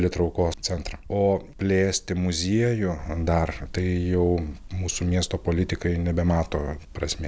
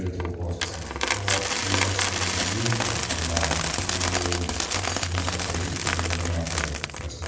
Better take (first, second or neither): first